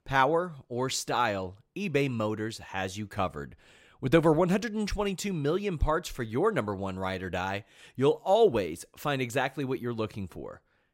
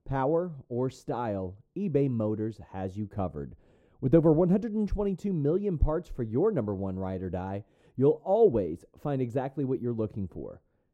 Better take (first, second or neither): first